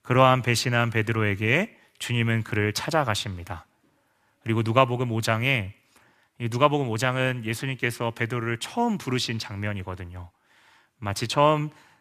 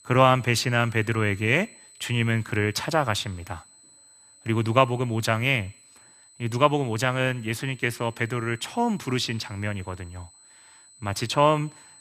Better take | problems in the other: first | high-pitched whine; faint; throughout; 8 kHz, 25 dB below the speech

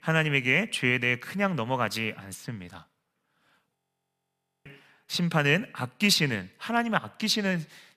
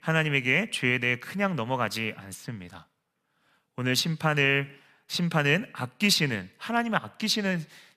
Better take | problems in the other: second | audio freezing; at 4 s for 1 s

